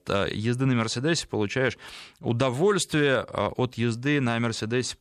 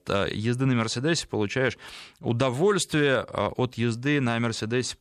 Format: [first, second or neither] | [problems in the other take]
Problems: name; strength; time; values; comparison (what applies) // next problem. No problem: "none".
neither | none